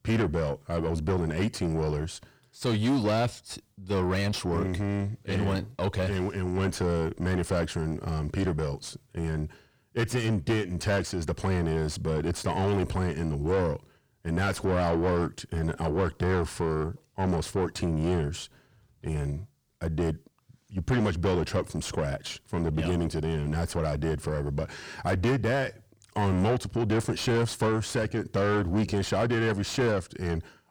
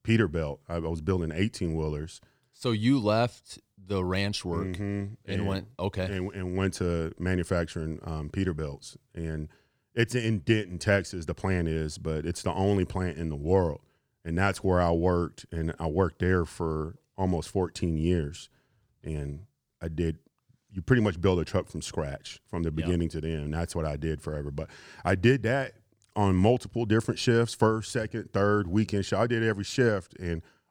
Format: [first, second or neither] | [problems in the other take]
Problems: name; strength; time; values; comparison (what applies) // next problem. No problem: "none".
second | distortion; heavy; 5 dB below the speech